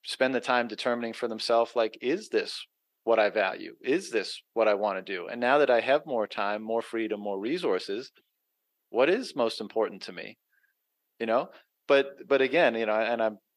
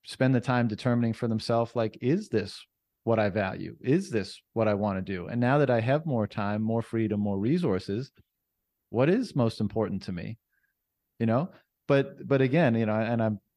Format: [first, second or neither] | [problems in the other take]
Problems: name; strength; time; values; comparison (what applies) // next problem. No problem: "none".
second | thin; somewhat; fading below 350 Hz